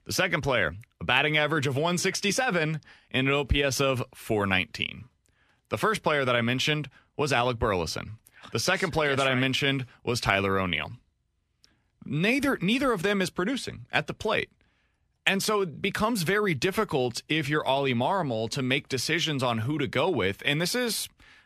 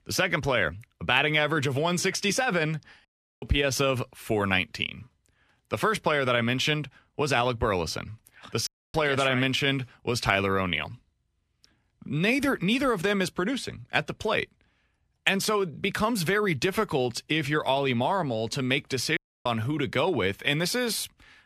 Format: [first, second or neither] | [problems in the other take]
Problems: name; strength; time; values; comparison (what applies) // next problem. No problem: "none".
first | audio cutting out; at 3 s, at 8.5 s and at 19 s